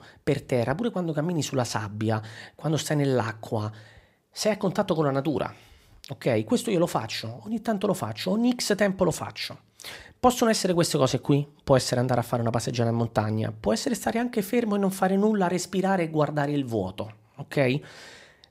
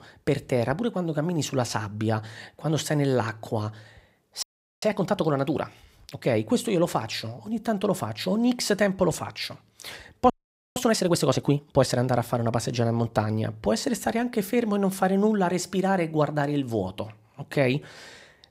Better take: first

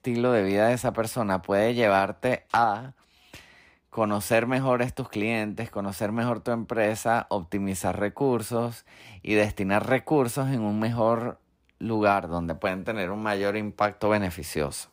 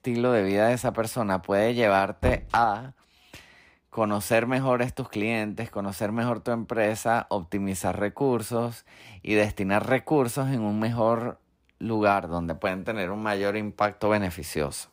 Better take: first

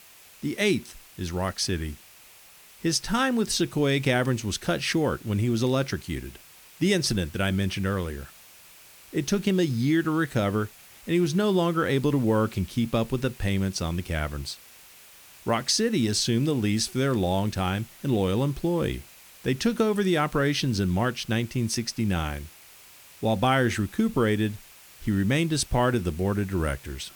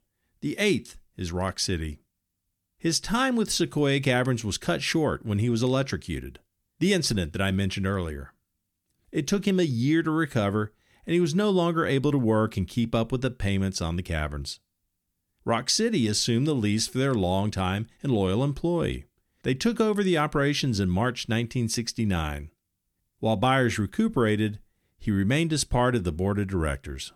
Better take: second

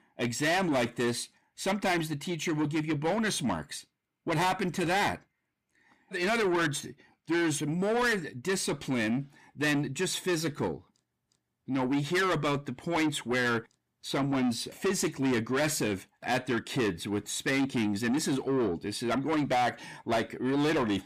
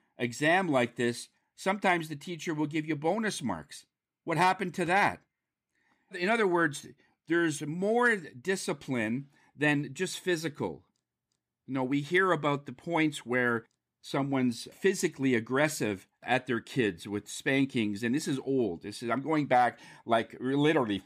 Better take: second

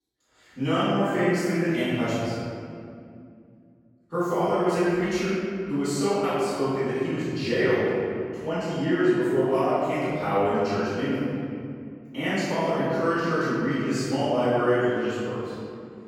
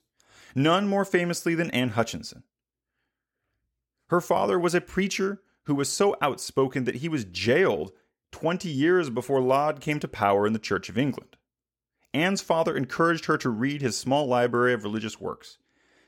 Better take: second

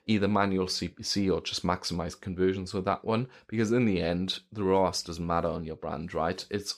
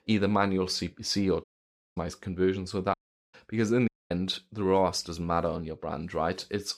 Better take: first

